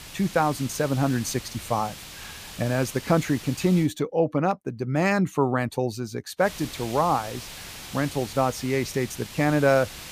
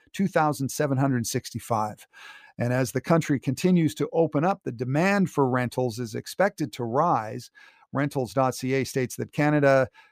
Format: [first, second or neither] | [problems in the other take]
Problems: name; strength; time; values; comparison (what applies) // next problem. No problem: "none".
second | hiss; noticeable; until 4 s and from 6.5 s on; 15 dB below the speech